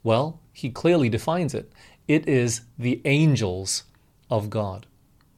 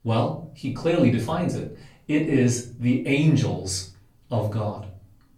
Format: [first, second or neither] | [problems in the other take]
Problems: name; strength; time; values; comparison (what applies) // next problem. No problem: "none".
first | off-mic speech; far // room echo; slight; dies away in 0.4 s